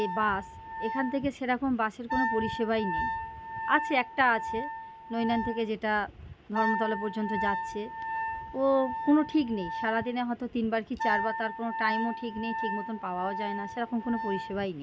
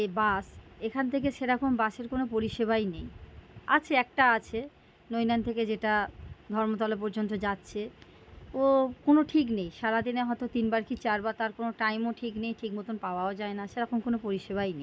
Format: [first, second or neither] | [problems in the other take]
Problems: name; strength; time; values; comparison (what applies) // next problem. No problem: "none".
second | background sound (Wind instrument, woodwind instrument); 5 dB below the speech